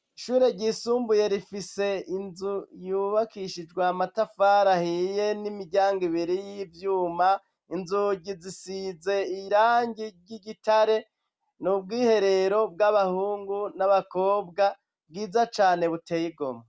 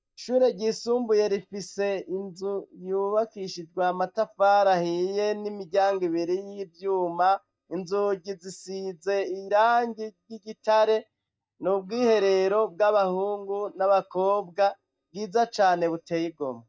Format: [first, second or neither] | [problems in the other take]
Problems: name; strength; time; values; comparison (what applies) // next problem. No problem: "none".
first | noise reduction (neural mask model DeepFilterNet 3)